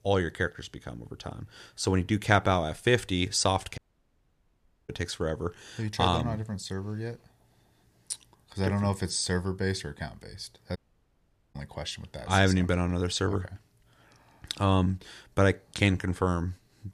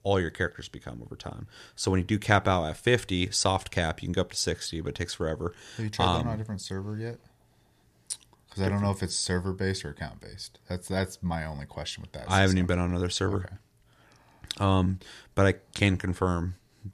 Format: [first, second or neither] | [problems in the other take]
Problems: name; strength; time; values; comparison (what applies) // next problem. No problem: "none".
second | audio cutting out; at 4 s for 1 s and at 11 s for 1 s